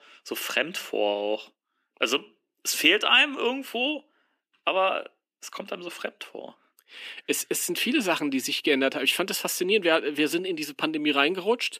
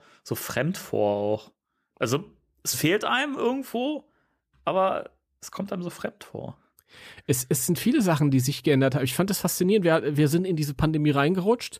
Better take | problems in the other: second | thin; very slightly; fading below 250 Hz

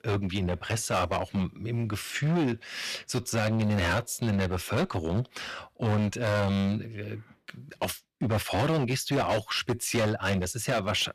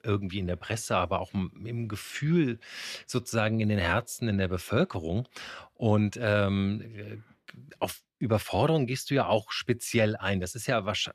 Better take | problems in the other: second | distortion; heavy; 13% of the sound clipped

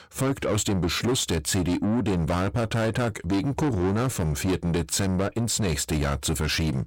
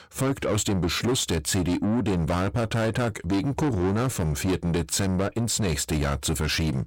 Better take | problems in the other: neither | distortion; heavy; 7 dB below the speech; the same in both

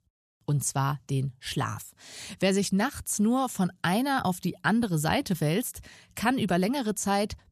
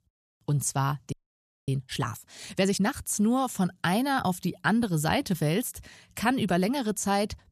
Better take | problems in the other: first | audio freezing; at 1 s for 0.5 s

